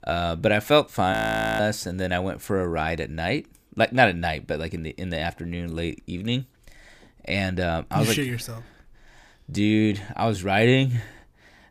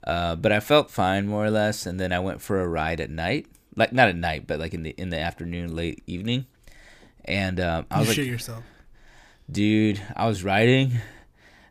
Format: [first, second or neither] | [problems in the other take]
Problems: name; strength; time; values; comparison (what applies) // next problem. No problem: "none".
second | audio freezing; at 1 s